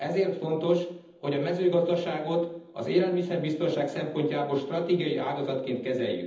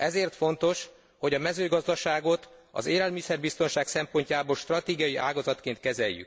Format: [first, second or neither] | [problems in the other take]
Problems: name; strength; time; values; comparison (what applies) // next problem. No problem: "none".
second | room echo; dies away in 0.8 s